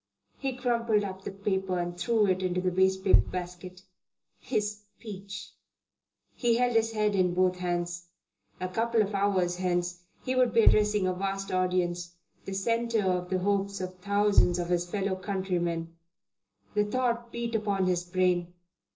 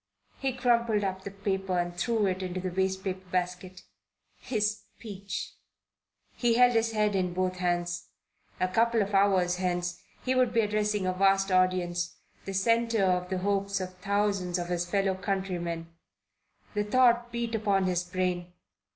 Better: second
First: noise reduction (neural separator model SepFormer DNS4)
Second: none

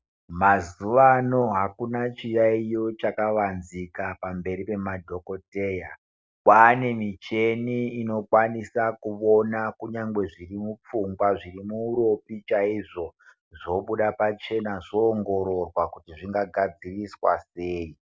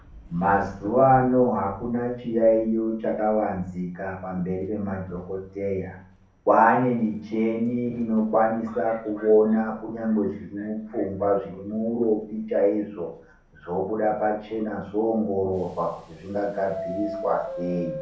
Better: first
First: none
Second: background sound (Subway, metro, underground); 18 dB below the speech // room echo; dies away in 0.5 s

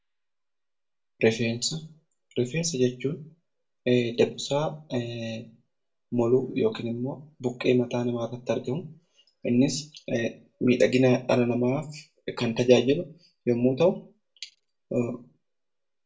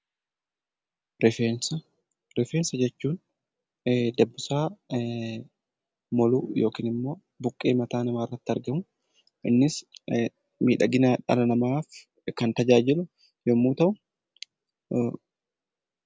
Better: second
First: room echo; dies away in 0.2 s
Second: none

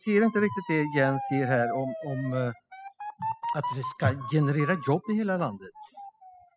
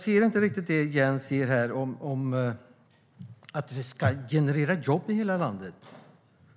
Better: second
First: noise reduction (classical method spectral subtraction)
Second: none

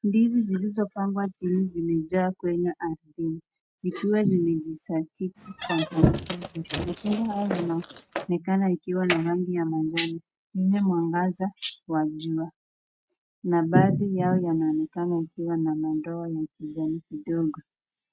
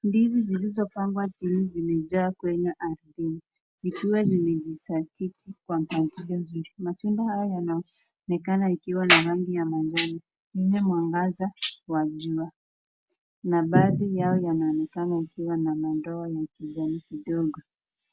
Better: second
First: noise reduction (neural mask model RNNoise)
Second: none

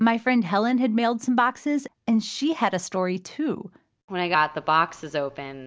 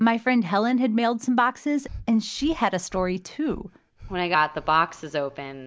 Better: first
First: none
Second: background sound (Breathing); 19 dB below the speech

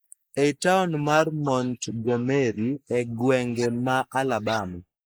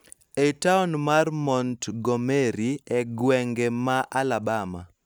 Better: second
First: noise reduction (neural mask model Resemble Enhance denoiser)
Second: none

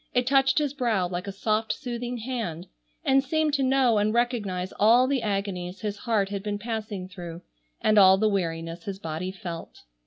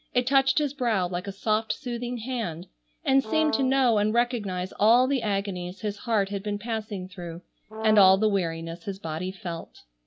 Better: first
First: none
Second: background sound (Brass instrument); 10 dB below the speech

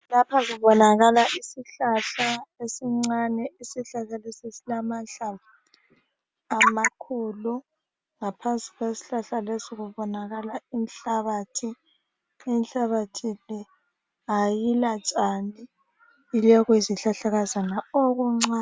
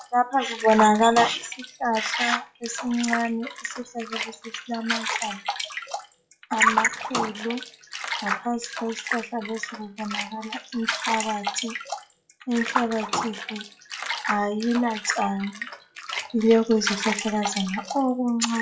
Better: first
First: none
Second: noise reduction (classical method WPE with log-MMSE)

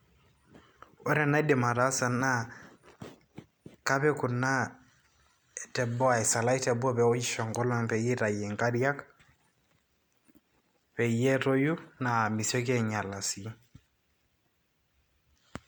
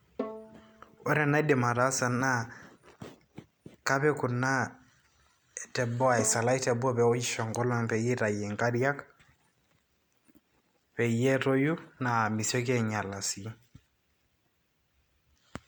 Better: first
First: none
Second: background sound (Bowed string instrument); 15 dB below the speech

